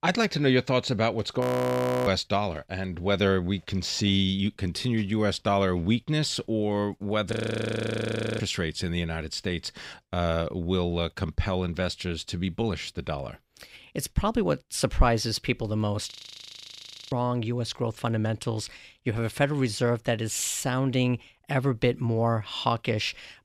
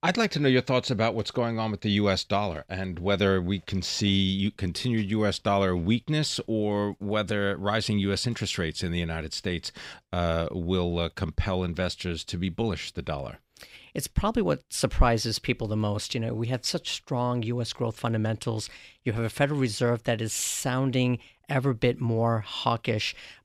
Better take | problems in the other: second | audio freezing; at 1.5 s for 0.5 s, at 7.5 s for 1 s and at 16 s for 1 s

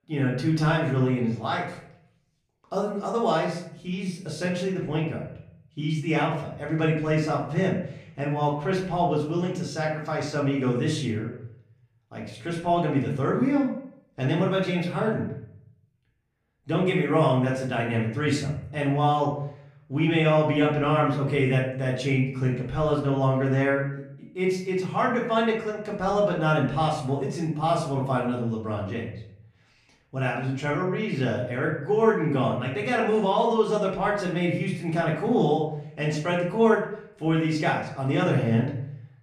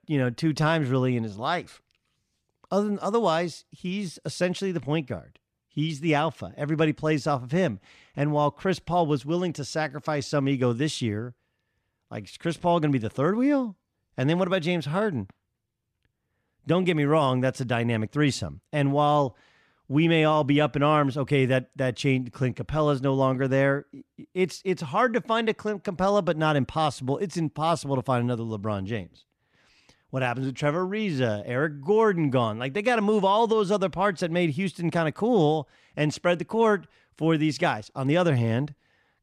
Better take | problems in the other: second | off-mic speech; far // room echo; noticeable; dies away in 0.6 s

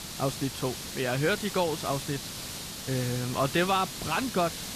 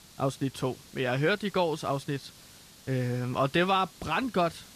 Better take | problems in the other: second | hiss; loud; throughout; 6 dB below the speech; faint in the second

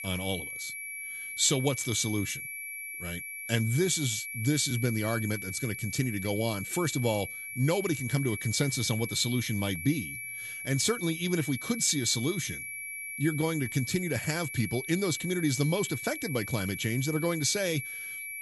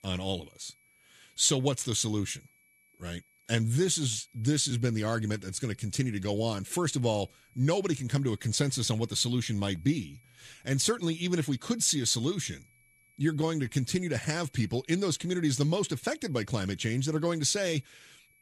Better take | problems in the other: second | high-pitched whine; loud; throughout; 2.5 kHz, 7 dB below the speech; faint in the second

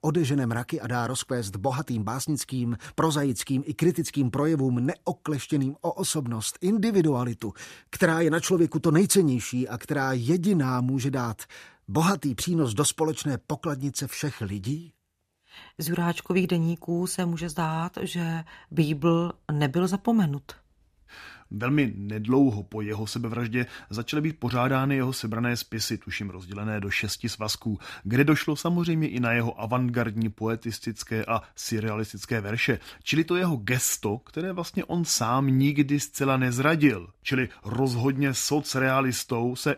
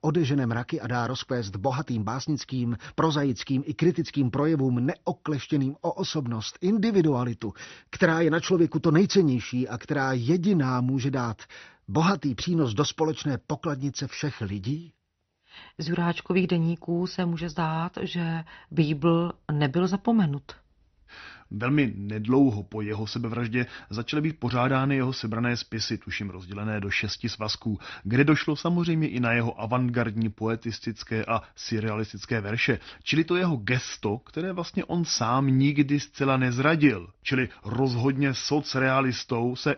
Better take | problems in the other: first | garbled, watery; slightly; nothing above 6 kHz

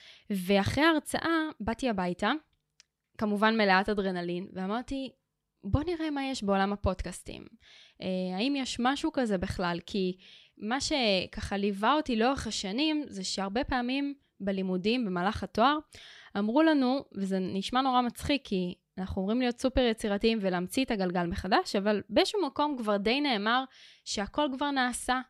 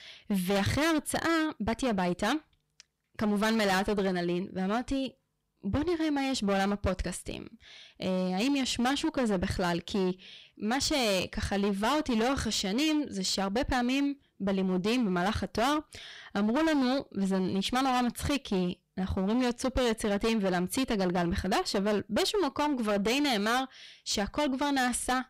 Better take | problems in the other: first | distortion; heavy; 18% of the sound clipped

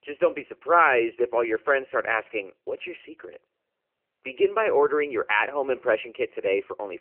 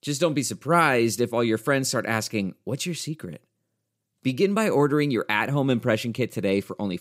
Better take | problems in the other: second | phone-call audio; poor line; nothing above 3 kHz

